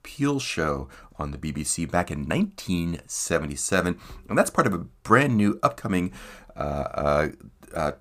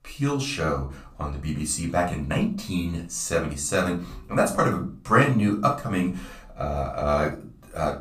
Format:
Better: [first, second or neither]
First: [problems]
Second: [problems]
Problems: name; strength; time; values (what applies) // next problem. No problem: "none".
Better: first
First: none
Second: room echo; slight; dies away in 0.3 s // off-mic speech; far